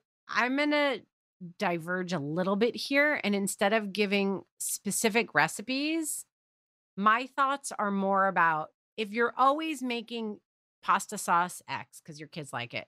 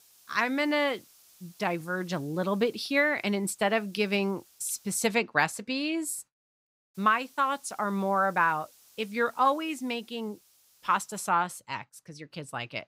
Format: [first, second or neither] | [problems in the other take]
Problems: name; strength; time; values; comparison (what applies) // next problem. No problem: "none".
first | hiss; faint; until 5 s and from 7 to 11 s; 25 dB below the speech